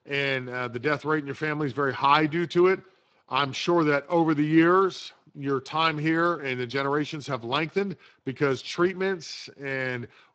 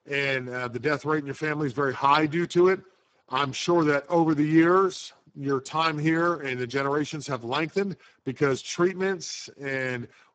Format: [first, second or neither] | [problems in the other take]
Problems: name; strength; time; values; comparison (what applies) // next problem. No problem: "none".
first | garbled, watery; badly; nothing above 7.5 kHz; slightly in the first